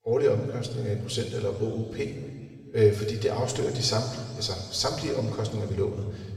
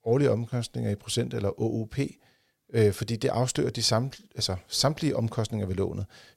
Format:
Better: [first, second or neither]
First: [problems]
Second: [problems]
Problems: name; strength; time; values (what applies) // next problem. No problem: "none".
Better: second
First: room echo; noticeable; dies away in 2.1 s // off-mic speech; somewhat distant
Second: none